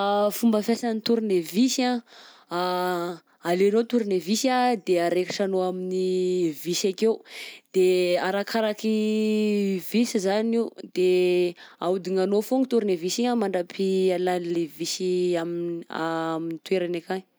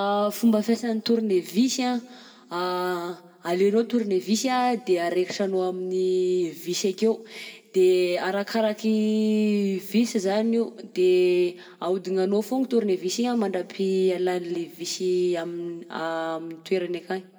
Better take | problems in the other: first | room echo; dies away in 1.2 s

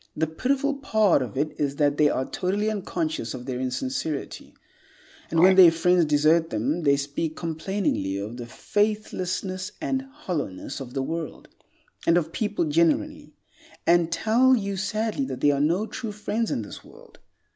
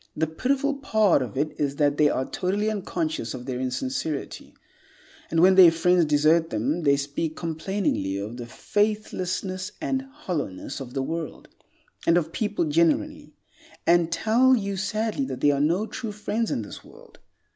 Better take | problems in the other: second | background sound (Frog); 14 dB below the speech

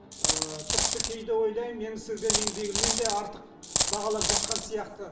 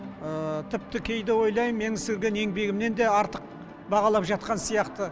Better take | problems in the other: second | background sound (Coin (dropping)); 5 dB above the speech // room echo; dies away in 0.7 s

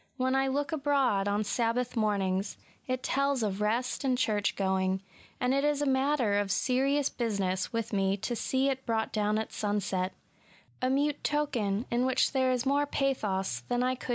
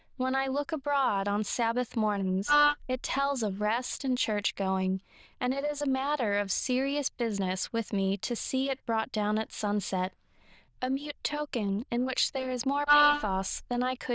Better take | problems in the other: first | noise reduction (neural diffusion model UNIVERSE++)

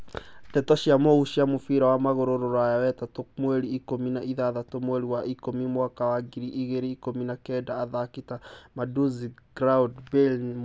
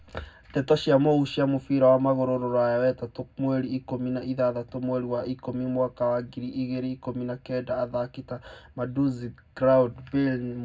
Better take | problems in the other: first | room echo; dies away in 0.3 s

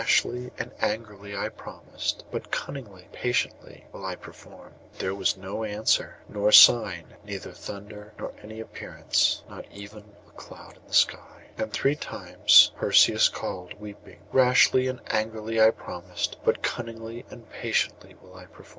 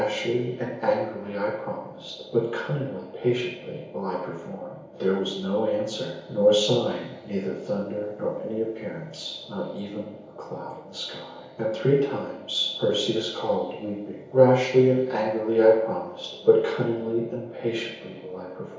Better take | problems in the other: first | room echo; dies away in 1 s

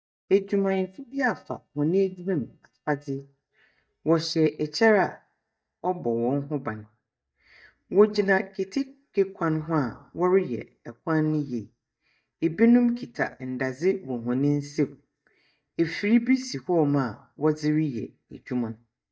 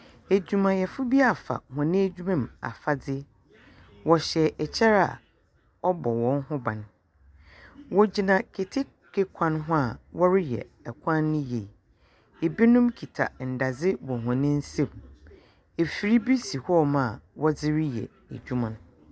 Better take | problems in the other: second | noise reduction (neural mask model DeepFilterNet 3)

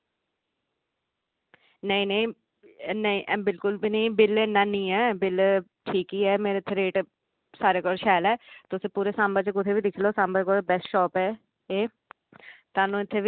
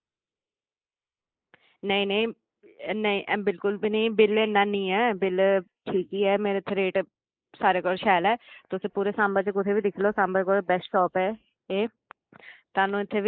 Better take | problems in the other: first | noise reduction (neural mask model Resemble Enhance denoiser)

